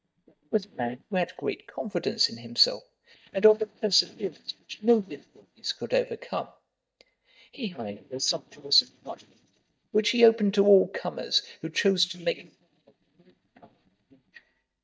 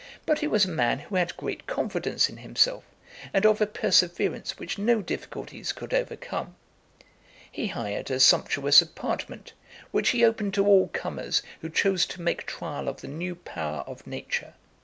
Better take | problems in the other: second | noise reduction (neural mask model DeepFilterNet 3)

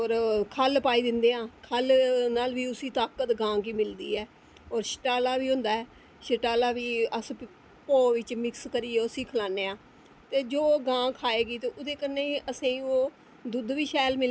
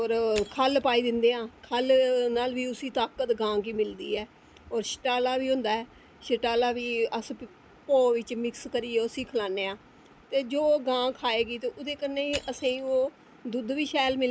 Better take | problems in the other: first | background sound (Crushing); 18 dB below the speech

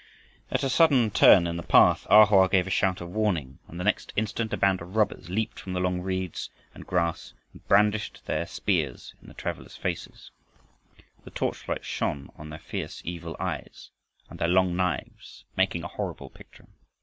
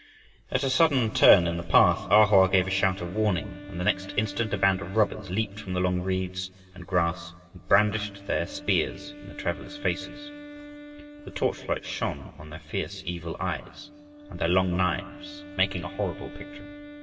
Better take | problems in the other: first | background sound (Wind instrument, woodwind instrument); 17 dB below the speech // room echo; dies away in 2.9 s

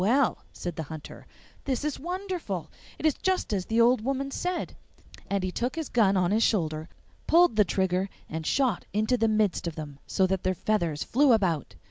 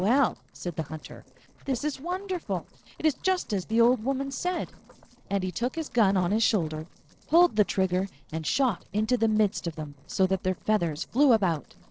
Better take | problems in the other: first | noise reduction (neural separator model SepFormer DNS4)

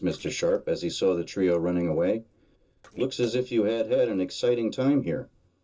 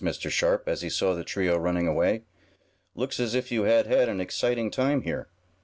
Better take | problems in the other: second | noise reduction (neural separator model SepFormer DNS4)

